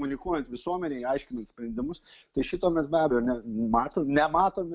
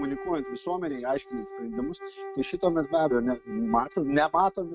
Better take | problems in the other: first | noise reduction (neural mask model RNNoise)

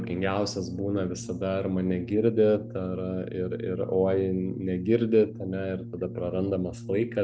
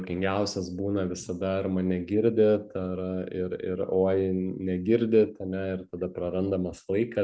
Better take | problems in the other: second | background sound (Brass instrument); 12 dB below the speech

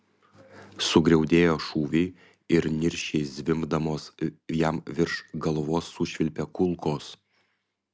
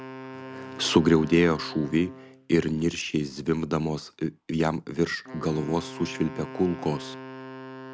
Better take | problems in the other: first | background sound (Wind instrument, woodwind instrument); 15 dB below the speech

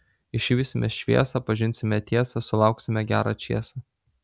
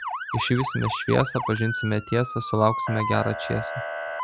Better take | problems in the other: first | background sound (Motor vehicle (road) / Siren); 5 dB below the speech

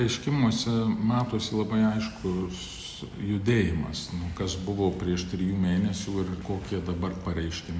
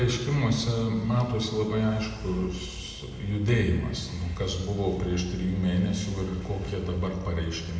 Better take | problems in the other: first | room echo; dies away in 1.5 s

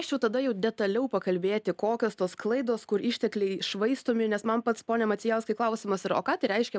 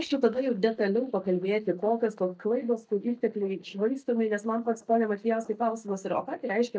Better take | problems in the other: first | noise reduction (neural mask model DeepFilterNet 3)

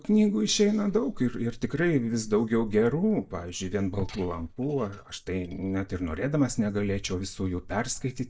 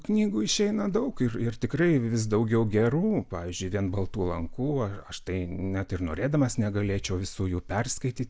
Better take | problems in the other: second | noise reduction (neural mask model DeepFilterNet 3)

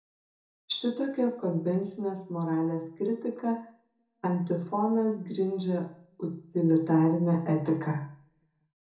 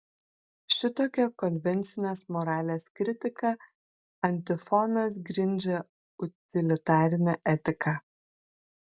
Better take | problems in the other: second | room echo; dies away in 0.6 s

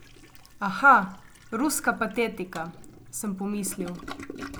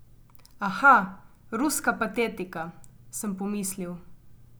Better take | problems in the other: second | background sound (Toilet flush); 17 dB below the speech

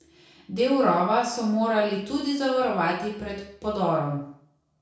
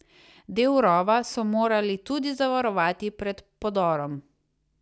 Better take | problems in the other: second | room echo; dies away in 0.5 s

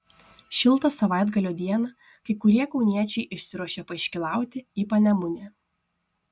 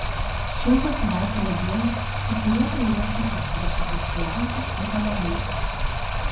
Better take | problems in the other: first | background sound (Stream); 2 dB above the speech // room echo; dies away in 0.6 s

